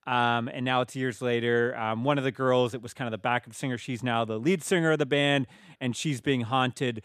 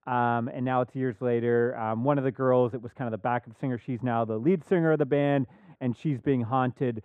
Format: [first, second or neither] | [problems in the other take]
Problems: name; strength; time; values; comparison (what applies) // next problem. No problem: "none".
first | muffled; very; fading above 2.5 kHz